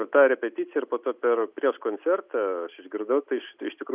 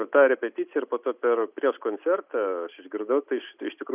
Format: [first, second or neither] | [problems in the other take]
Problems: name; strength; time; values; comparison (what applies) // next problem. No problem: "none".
first | noise reduction (neural mask model Resemble Enhance denoiser)